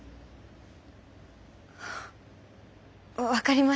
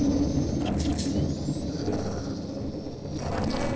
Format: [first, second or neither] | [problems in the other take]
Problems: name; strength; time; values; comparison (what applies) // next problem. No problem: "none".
first | noise reduction (neural separator model SepFormer DNS4)